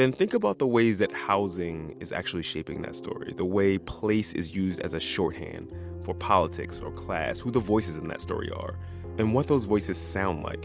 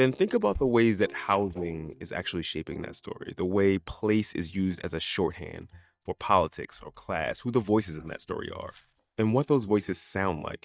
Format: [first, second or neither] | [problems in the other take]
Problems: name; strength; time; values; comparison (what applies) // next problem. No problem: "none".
first | noise reduction (neural mask model DeepFilterNet 3)